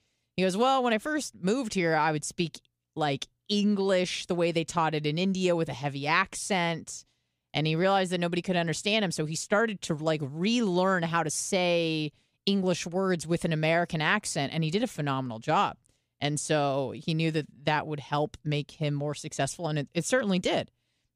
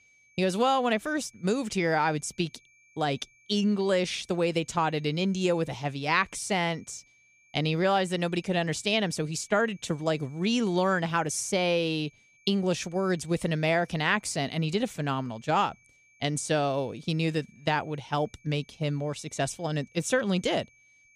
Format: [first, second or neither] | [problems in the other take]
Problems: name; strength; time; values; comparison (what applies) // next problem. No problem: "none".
first | high-pitched whine; faint; throughout; 2.5 kHz, 30 dB below the speech